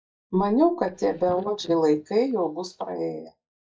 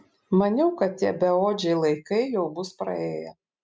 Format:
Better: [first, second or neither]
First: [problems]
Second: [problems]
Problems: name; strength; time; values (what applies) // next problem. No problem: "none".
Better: second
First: noise reduction (neural mask model DeepFilterNet 3)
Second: none